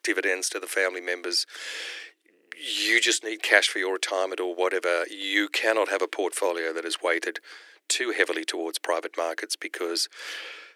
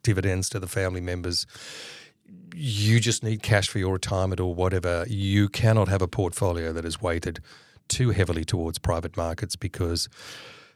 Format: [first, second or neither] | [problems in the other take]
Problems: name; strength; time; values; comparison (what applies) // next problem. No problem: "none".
second | thin; very; fading below 300 Hz